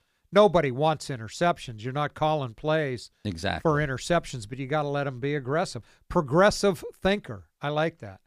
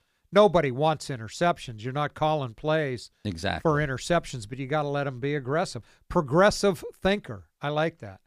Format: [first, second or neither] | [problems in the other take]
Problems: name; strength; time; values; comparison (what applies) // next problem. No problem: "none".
neither | none